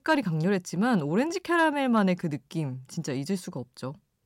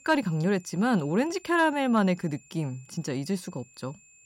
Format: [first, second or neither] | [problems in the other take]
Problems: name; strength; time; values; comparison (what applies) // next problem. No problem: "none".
first | high-pitched whine; faint; throughout; 7 kHz, 25 dB below the speech